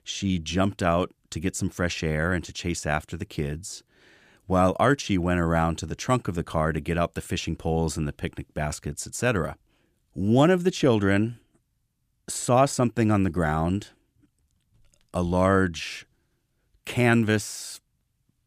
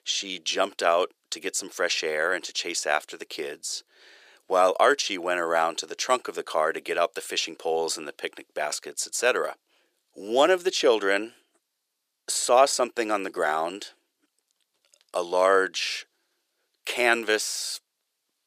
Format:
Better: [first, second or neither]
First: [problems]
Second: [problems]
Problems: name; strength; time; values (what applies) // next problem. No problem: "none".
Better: first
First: none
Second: thin; very; fading below 450 Hz